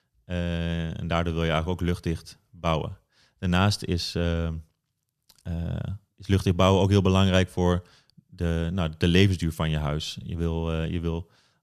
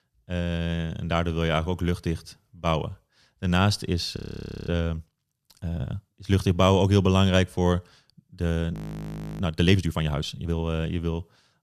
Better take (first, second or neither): first